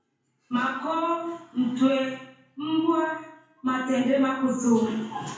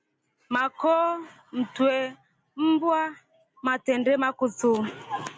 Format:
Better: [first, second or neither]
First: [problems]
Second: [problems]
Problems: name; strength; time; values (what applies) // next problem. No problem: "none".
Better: second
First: room echo; dies away in 0.6 s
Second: none